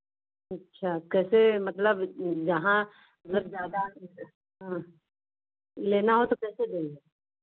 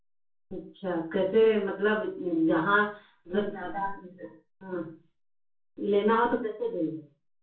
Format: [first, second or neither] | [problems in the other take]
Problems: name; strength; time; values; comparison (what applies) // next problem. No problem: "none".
first | room echo; dies away in 0.3 s